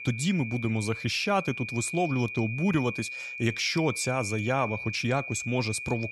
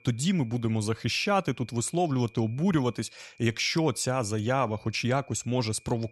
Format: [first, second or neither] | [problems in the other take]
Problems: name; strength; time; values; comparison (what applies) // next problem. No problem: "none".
second | high-pitched whine; loud; throughout; 2.5 kHz, 7 dB below the speech; faint in the second